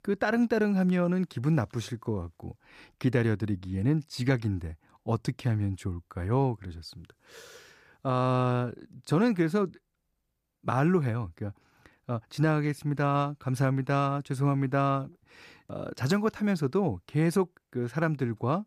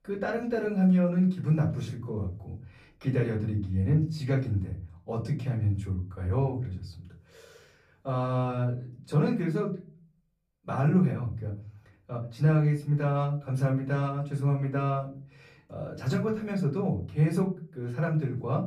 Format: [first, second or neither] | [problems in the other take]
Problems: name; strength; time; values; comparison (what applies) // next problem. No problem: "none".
first | off-mic speech; far // room echo; slight; dies away in 0.6 s